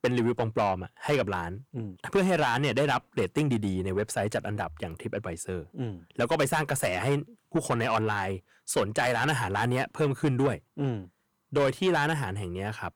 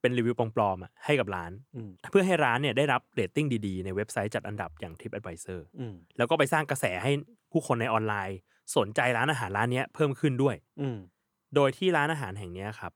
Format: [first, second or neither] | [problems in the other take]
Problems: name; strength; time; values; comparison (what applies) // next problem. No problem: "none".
second | distortion; heavy; 8 dB below the speech